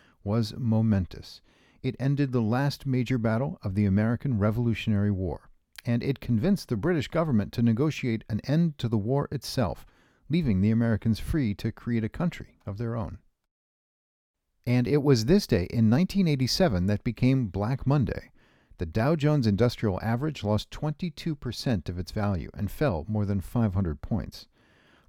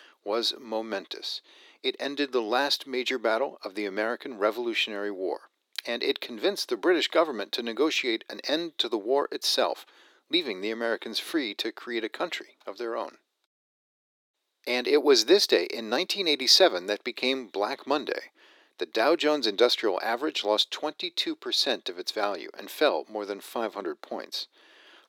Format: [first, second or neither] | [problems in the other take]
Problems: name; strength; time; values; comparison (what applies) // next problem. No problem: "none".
first | thin; very; fading below 350 Hz